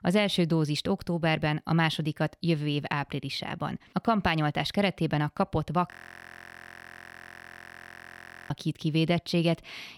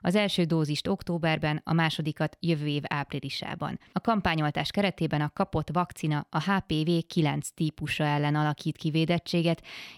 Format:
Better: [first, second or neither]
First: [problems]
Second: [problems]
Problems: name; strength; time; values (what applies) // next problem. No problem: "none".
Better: second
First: audio freezing; at 6 s for 2.5 s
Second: none